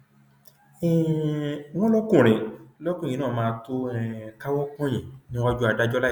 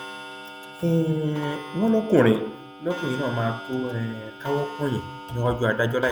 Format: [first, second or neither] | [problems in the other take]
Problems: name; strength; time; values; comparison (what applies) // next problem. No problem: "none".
first | background sound (Clock); 13 dB below the speech